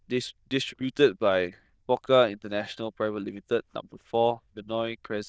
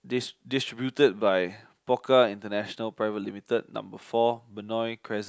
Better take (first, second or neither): second